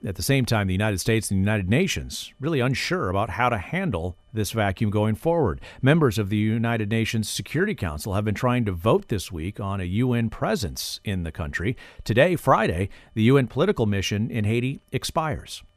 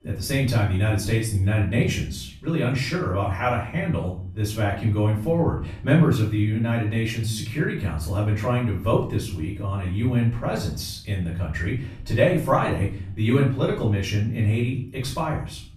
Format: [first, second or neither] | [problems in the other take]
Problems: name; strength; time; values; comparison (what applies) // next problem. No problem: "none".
first | off-mic speech; far // room echo; slight; dies away in 0.5 s